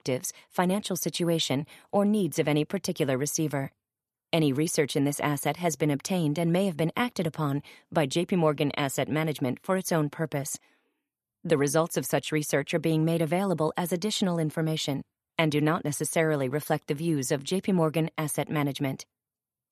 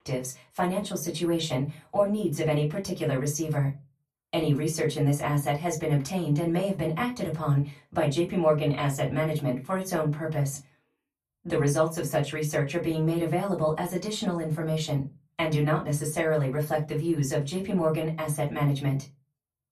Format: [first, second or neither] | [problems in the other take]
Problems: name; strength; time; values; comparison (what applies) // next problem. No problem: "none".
first | off-mic speech; far // room echo; very slight; dies away in 0.2 s